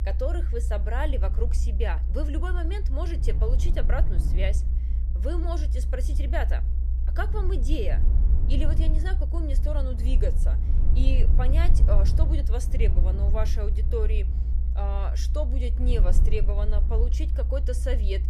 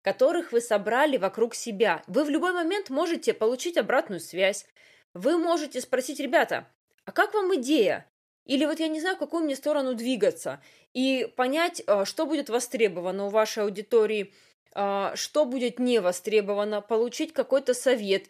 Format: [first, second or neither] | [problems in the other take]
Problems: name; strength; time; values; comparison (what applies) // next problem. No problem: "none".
second | low rumble; loud; throughout; 9 dB below the speech